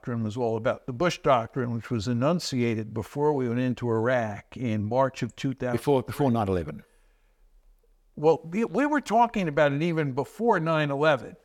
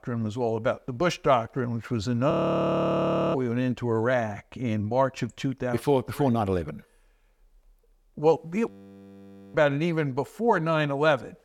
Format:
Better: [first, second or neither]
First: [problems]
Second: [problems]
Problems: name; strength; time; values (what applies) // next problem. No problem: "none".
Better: first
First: none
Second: audio freezing; at 2.5 s for 1 s and at 8.5 s for 1 s